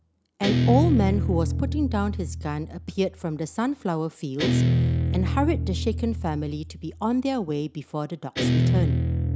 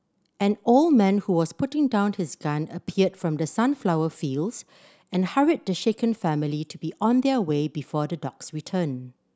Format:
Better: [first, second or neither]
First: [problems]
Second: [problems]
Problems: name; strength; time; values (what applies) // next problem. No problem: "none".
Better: second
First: background sound (Guitar); 2 dB above the speech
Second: none